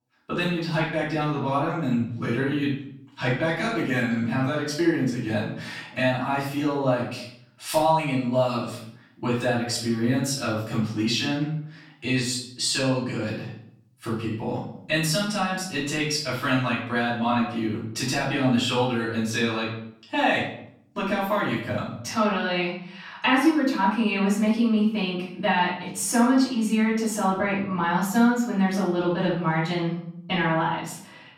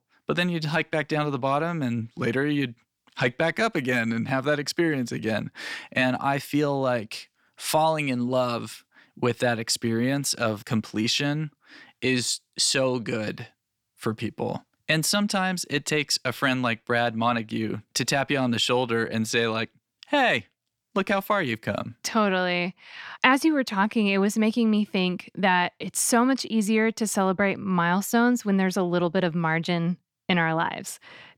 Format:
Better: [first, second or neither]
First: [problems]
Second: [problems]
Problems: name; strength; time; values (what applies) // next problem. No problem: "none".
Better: second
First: room echo; noticeable; dies away in 0.6 s // off-mic speech; far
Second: none